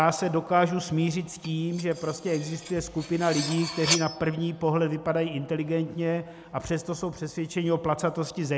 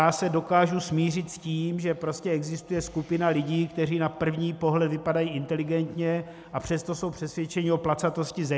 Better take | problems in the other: second | background sound (Cutlery, silverware); 8 dB below the speech

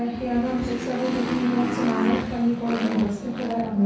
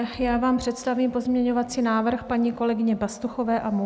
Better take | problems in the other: second | background sound (Motorcycle); 6 dB below the speech // room echo; dies away in 0.6 s

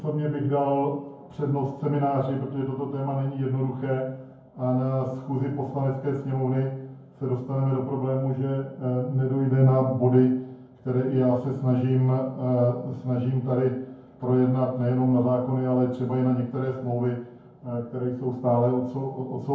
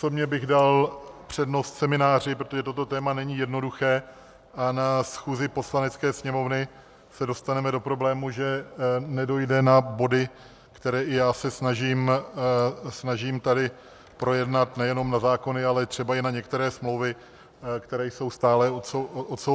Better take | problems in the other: second | room echo; dies away in 0.9 s

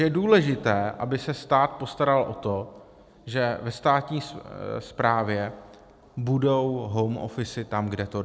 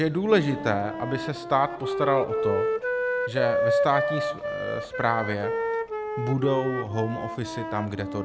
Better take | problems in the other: first | background sound (Wind instrument, woodwind instrument); 1 dB below the speech

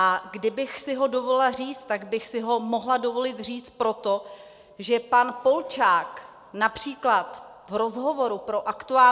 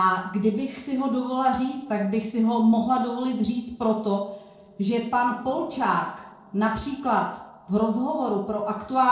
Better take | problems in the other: first | noise reduction (neural separator model SepFormer DNS4)

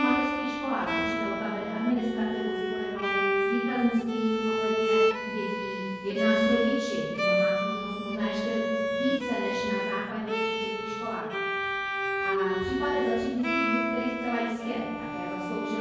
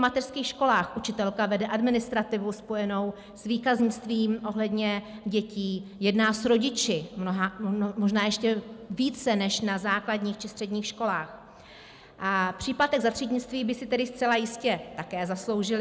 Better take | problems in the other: second | background sound (Bowed string instrument); 1 dB above the speech // room echo; dies away in 1.3 s

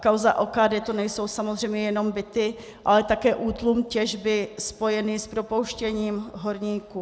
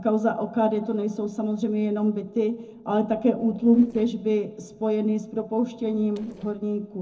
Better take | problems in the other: first | noise reduction (neural separator model SepFormer DNS4)

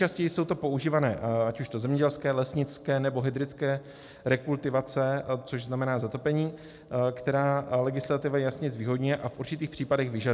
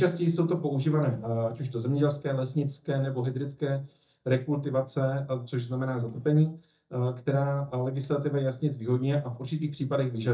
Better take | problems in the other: first | noise reduction (neural mask model DeepFilterNet 3)

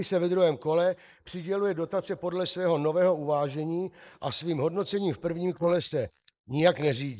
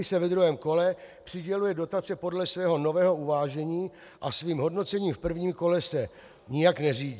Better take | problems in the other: second | noise reduction (neural mask model Resemble Enhance denoiser)

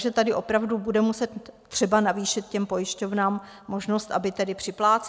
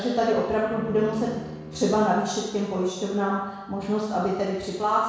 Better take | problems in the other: first | background sound (Bowed string instrument); 16 dB below the speech // room echo; dies away in 1.1 s

